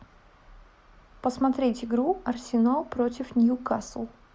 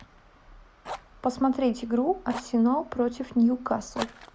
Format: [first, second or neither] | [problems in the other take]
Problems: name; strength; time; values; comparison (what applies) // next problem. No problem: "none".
first | background sound (Fire); 16 dB below the speech